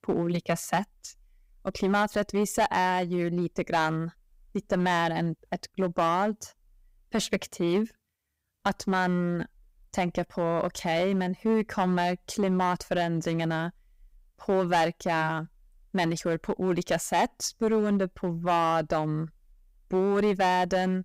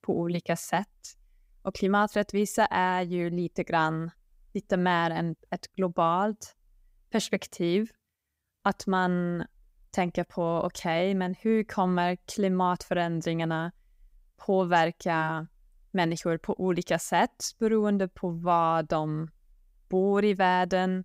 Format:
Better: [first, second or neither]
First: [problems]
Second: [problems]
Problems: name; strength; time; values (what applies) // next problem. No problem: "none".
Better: second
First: distortion; slight; 6% of the sound clipped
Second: none